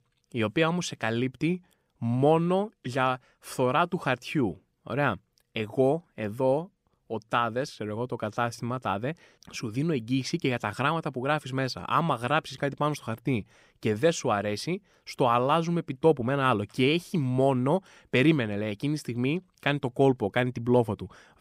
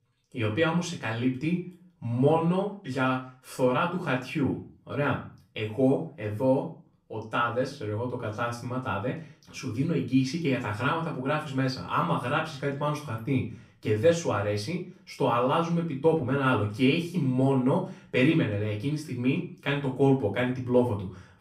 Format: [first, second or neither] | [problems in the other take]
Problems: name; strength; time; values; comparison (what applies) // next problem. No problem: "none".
first | off-mic speech; far // room echo; slight; dies away in 0.3 s